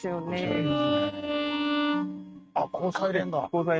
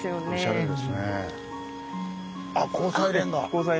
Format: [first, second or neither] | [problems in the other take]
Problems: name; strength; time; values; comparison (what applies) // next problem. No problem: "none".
second | noise reduction (neural mask model RNNoise)